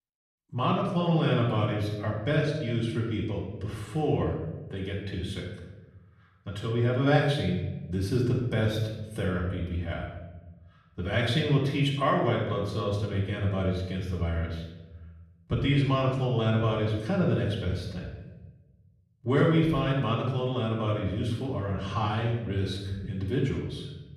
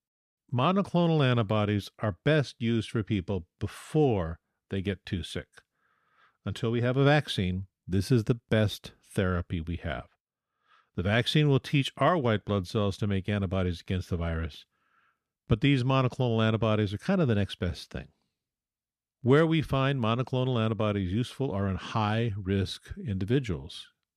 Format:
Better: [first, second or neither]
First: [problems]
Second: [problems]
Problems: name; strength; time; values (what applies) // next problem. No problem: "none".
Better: second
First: off-mic speech; far // room echo; noticeable; dies away in 0.9 s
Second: none